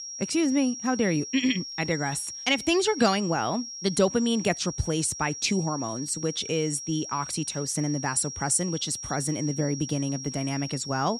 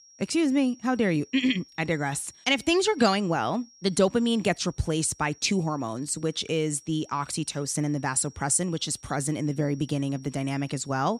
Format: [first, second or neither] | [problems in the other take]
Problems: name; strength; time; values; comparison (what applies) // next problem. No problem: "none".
second | high-pitched whine; loud; throughout; 5.5 kHz, 9 dB below the speech; faint in the second